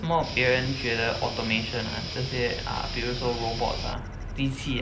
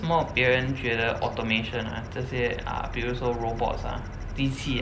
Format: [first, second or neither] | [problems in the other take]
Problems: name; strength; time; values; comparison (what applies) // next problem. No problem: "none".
second | background sound (Guitar); 8 dB below the speech